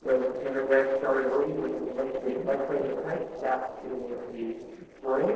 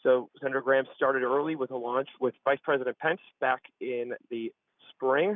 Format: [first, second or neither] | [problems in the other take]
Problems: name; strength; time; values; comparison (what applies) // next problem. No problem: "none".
second | noise reduction (neural separator model SepFormer DNS4)